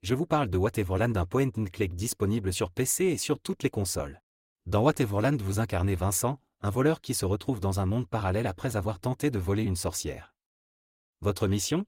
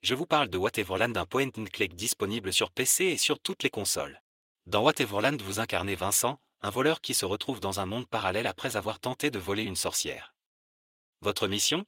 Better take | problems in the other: first | thin; somewhat; fading below 1 kHz

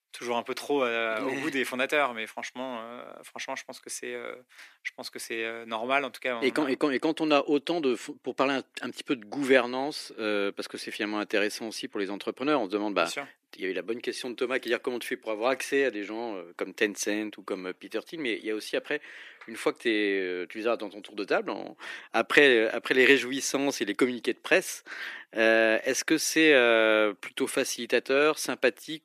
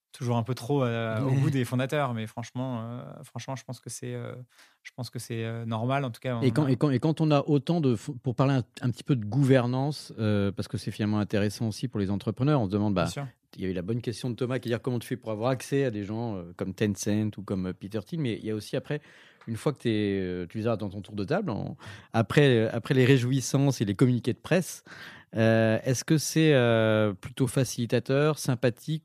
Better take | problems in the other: second | thin; somewhat; fading below 300 Hz

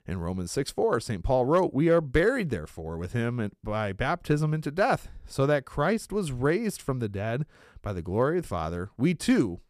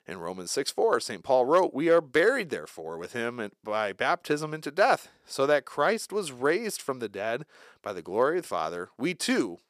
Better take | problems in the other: first | thin; somewhat; fading below 400 Hz

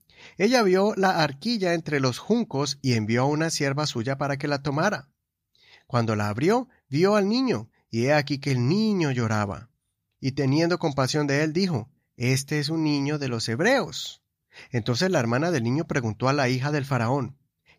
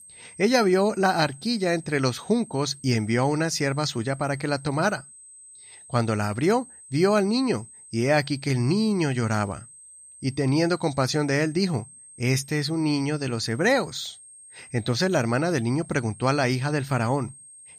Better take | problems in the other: first | high-pitched whine; faint; throughout; 8.5 kHz, 20 dB below the speech

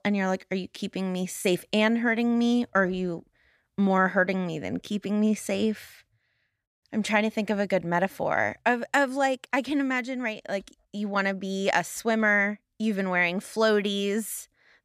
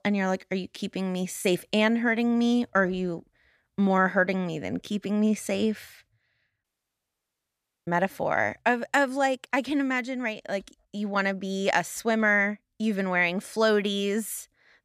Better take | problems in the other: first | audio cutting out; at 6.5 s for 1 s

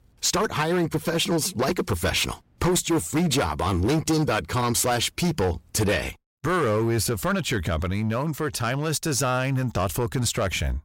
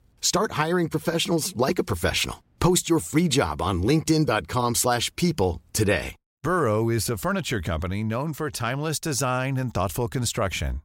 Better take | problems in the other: second | distortion; slight; 12% of the sound clipped

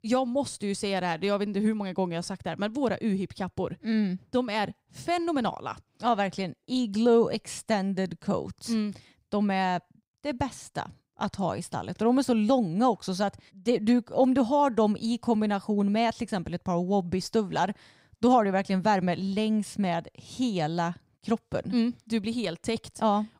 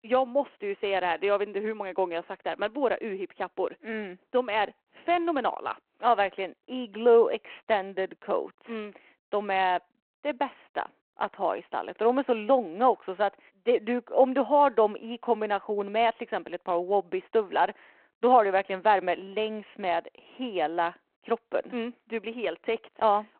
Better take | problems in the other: first | phone-call audio

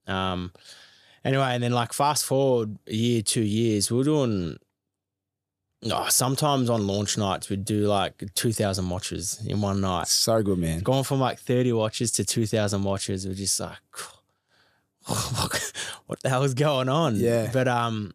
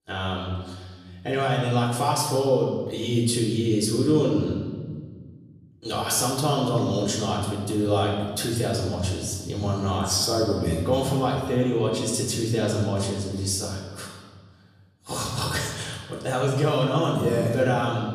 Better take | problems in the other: first | off-mic speech; far // room echo; noticeable; dies away in 1.4 s

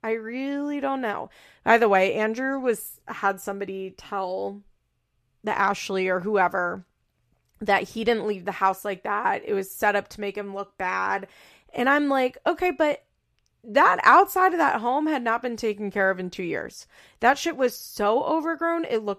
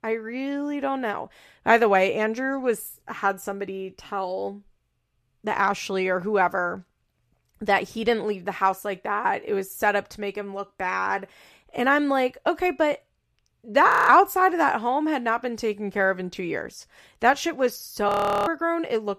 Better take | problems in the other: first | audio freezing; at 14 s and at 18 s

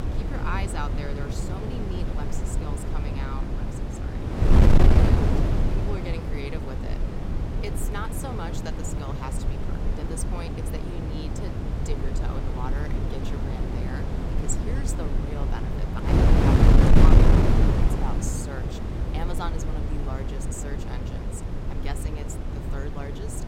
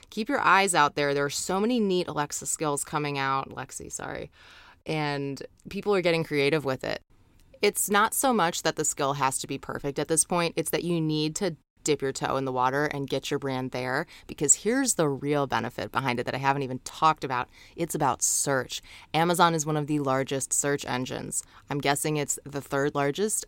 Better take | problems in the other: second | wind noise on the microphone; heavy; 5 dB above the speech

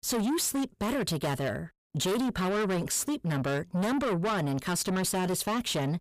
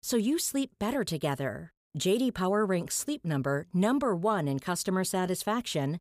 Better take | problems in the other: second | distortion; heavy; 7 dB below the speech

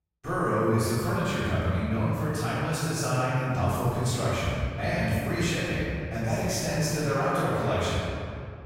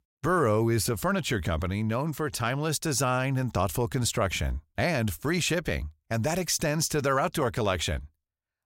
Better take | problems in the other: second | off-mic speech; far // room echo; strong; dies away in 2.2 s

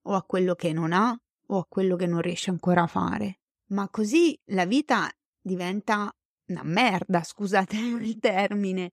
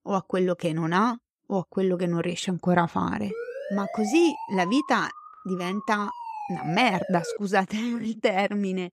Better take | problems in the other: first | siren; noticeable; from 3.5 to 7.5 s; peak 8 dB below the speech

